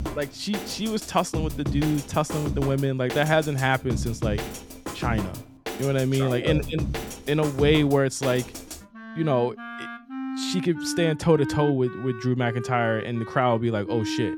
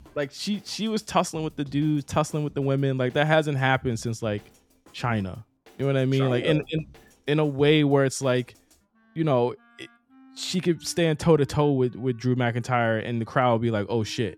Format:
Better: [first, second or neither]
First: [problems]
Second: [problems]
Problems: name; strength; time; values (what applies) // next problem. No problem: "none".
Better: second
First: background music; loud; throughout; 9 dB below the speech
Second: background music; faint; throughout; 30 dB below the speech